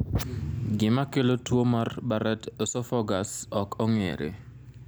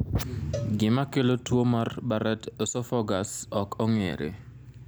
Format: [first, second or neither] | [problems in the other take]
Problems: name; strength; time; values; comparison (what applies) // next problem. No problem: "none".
first | background sound (Cowbell); 18 dB below the speech